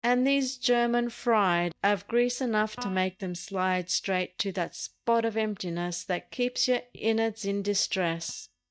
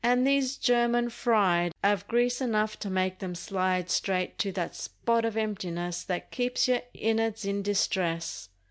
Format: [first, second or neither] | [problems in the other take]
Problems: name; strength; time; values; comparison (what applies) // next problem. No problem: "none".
second | noise reduction (neural mask model DeepFilterNet 3)